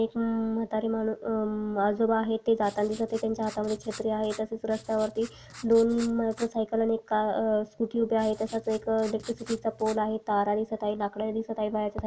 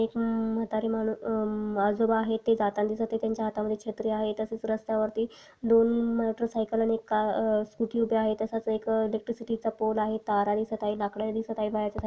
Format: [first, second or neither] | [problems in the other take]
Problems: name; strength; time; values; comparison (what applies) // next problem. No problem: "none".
second | background sound (Writing); 19 dB below the speech